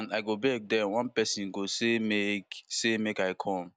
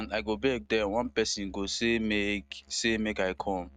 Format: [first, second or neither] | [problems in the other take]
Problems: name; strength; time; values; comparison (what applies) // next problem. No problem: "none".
first | noise reduction (neural mask model RNNoise)